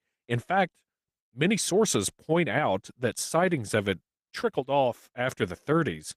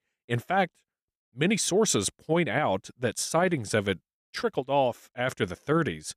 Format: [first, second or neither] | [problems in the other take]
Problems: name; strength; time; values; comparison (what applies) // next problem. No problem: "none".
second | garbled, watery; slightly; nothing above 14.5 kHz